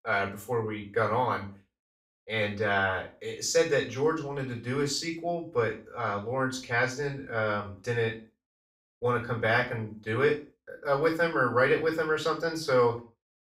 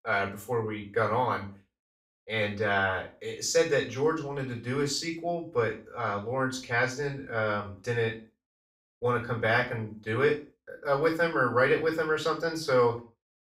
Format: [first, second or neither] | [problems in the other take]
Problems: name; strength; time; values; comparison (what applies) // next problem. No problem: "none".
neither | room echo; slight; dies away in 0.3 s; the same in both // off-mic speech; far; the same in both